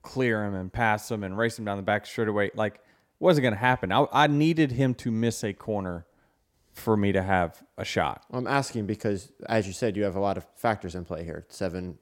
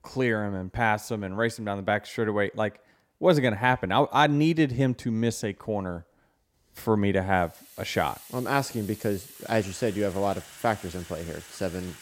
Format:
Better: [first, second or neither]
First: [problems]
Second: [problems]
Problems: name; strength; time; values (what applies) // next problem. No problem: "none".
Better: first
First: none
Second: household noises; noticeable; from 7.5 s on; 20 dB below the speech